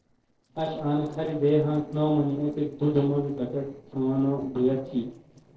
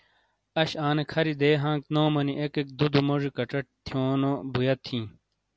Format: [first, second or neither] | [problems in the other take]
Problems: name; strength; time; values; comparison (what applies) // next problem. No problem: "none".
second | noise reduction (neural separator model SepFormer DNS4)